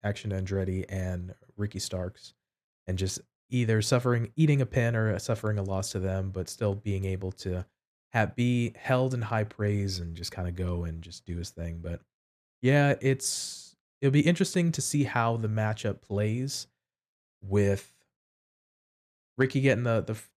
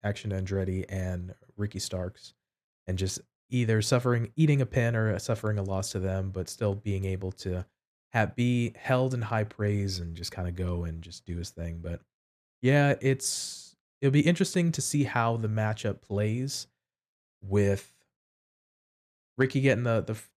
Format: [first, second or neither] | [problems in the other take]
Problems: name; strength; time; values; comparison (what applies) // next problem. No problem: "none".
neither | none